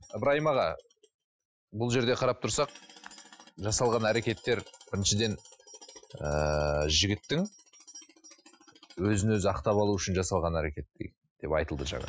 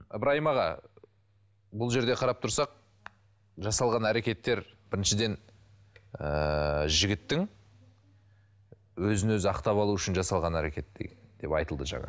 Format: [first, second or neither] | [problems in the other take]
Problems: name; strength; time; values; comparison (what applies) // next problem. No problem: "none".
second | noise reduction (classical method Wiener filter)